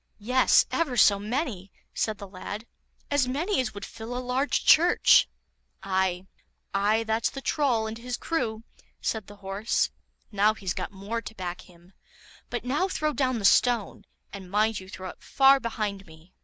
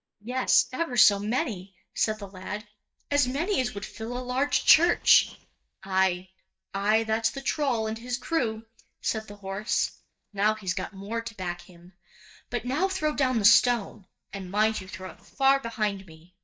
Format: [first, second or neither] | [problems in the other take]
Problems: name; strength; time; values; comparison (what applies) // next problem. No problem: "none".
first | noise reduction (neural mask model DeepFilterNet 3)